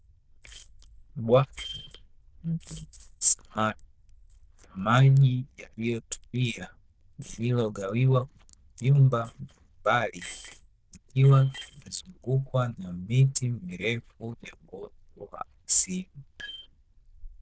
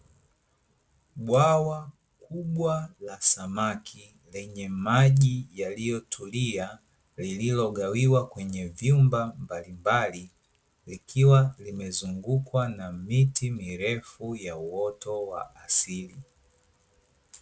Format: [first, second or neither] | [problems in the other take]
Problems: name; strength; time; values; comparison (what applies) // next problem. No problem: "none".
second | noise reduction (neural diffusion model UNIVERSE++)